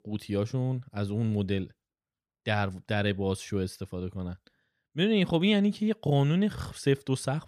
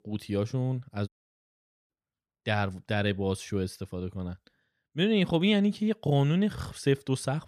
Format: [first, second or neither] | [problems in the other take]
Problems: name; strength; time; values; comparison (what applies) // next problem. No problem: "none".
first | audio cutting out; at 1 s for 1 s